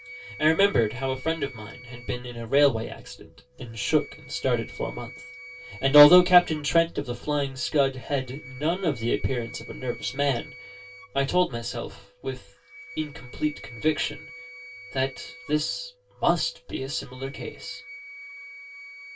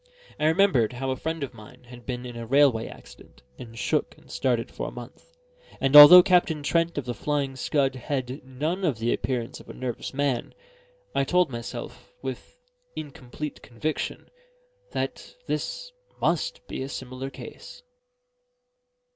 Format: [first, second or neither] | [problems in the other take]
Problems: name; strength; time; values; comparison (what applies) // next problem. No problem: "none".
second | background sound (Wind instrument, woodwind instrument); 18 dB below the speech // room echo; dies away in 0.2 s